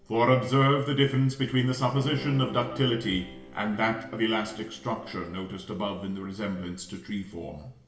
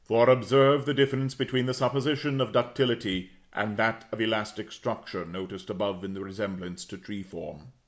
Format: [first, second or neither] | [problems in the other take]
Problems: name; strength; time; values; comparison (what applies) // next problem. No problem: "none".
second | background sound (Bowed string instrument); 18 dB below the speech // room echo; dies away in 0.8 s